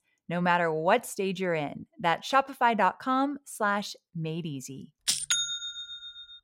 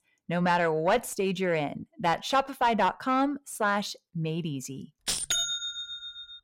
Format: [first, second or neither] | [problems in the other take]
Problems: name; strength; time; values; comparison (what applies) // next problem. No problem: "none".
first | distortion; slight; 10 dB below the speech